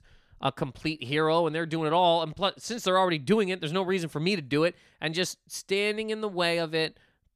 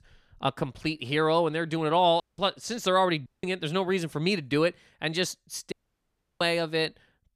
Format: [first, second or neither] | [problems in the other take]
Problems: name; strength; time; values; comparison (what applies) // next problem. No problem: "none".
first | audio cutting out; at 2 s, at 3.5 s and at 5.5 s for 0.5 s